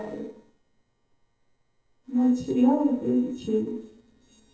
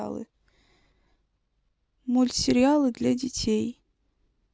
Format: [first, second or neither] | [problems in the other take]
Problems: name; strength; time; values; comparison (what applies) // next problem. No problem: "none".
second | noise reduction (neural separator model SepFormer DNS4)